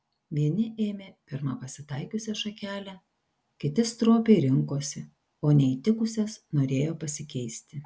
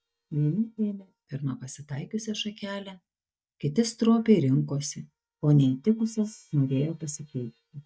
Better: first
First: none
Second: noise reduction (neural mask model DeepFilterNet 3)

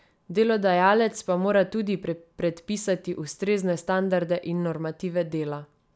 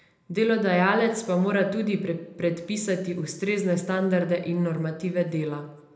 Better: first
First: none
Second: room echo; dies away in 0.7 s

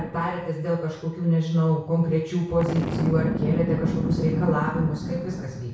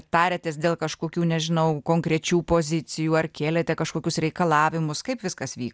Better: second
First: background sound (Boom); 4 dB below the speech // room echo; dies away in 0.6 s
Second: none

